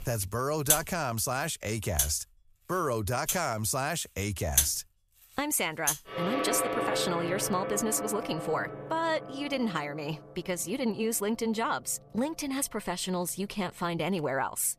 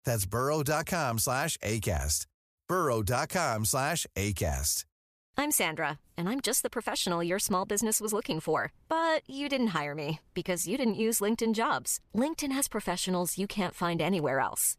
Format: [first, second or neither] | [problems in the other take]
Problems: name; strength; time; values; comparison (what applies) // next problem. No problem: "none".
second | background music; loud; throughout; 1 dB below the speech